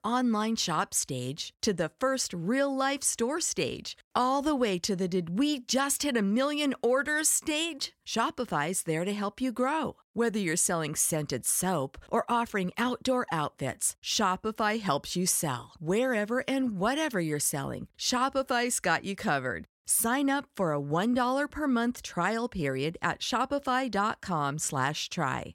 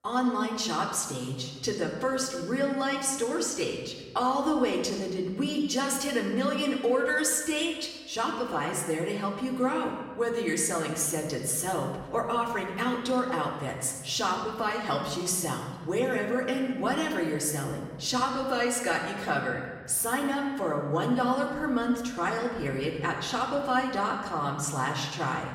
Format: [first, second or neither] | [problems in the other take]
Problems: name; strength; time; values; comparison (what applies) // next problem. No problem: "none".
first | room echo; noticeable; dies away in 1.3 s // off-mic speech; far